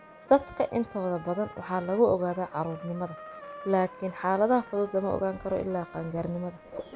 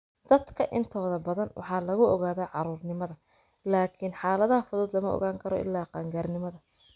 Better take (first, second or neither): second